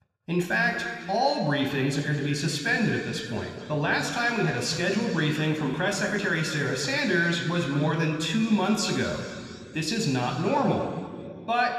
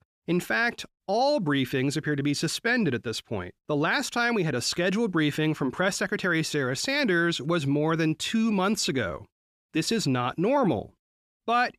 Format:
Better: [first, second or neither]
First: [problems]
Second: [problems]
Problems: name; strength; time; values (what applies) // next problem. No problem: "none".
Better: second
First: room echo; noticeable; dies away in 2.4 s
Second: none